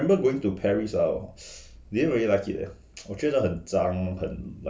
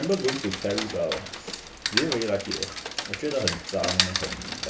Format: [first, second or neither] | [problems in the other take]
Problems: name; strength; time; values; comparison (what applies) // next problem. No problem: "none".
first | background sound (Rain); 1 dB below the speech